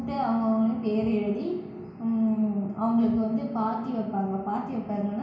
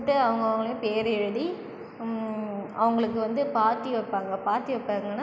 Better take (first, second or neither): second